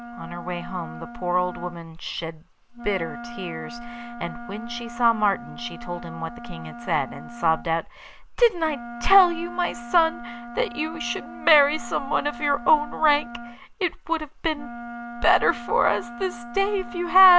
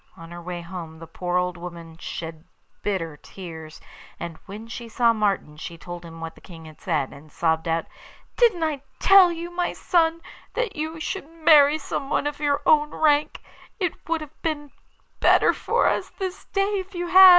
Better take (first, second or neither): second